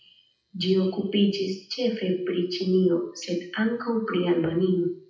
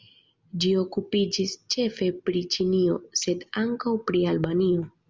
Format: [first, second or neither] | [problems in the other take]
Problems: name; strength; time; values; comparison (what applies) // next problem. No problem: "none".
second | noise reduction (classical method WPE with log-MMSE)